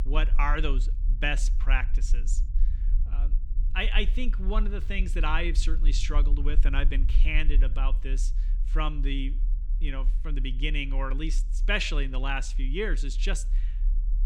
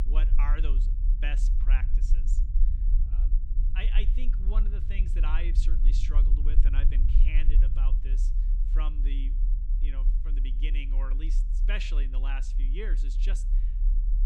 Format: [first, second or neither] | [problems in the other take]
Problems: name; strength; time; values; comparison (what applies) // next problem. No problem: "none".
first | low rumble; loud; throughout; 9 dB below the speech; faint in the first